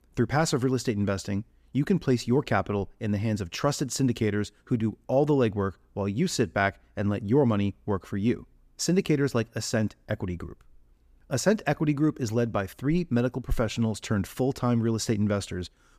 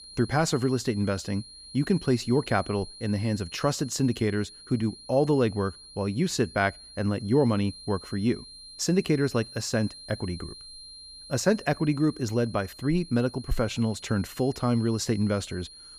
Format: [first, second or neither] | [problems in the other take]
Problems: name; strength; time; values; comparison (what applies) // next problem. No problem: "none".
first | high-pitched whine; noticeable; throughout; 4 kHz, 15 dB below the speech